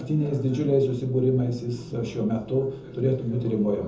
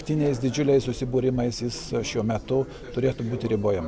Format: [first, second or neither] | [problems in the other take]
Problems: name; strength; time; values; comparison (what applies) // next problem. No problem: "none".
second | room echo; dies away in 0.5 s